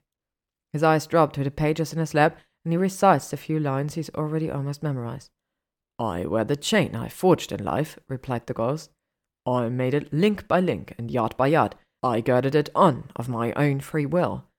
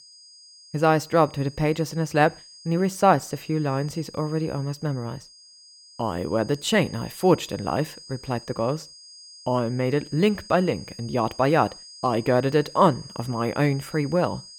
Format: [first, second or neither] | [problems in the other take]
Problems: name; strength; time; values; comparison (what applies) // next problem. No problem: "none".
first | high-pitched whine; noticeable; throughout; 5 kHz, 20 dB below the speech